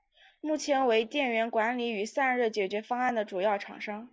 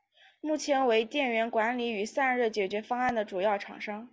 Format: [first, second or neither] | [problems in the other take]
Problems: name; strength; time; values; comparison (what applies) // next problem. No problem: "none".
second | noise reduction (neural mask model Resemble Enhance denoiser)